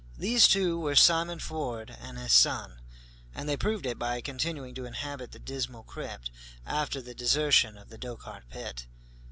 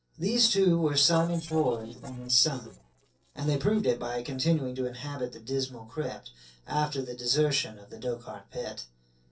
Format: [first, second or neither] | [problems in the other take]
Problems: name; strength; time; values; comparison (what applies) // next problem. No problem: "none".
first | noise reduction (neural separator model SepFormer DNS4)